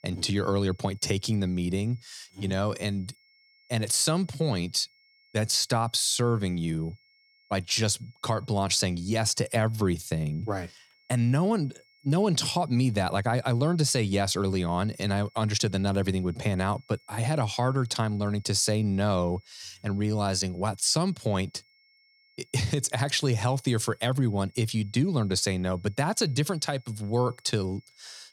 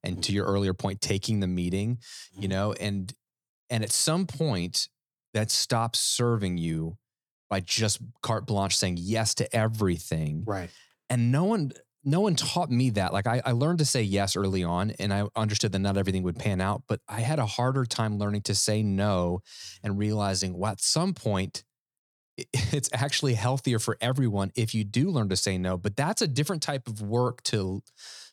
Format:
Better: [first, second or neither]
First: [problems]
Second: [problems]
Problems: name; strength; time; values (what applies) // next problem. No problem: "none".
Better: second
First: high-pitched whine; faint; throughout; 2 kHz, 35 dB below the speech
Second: none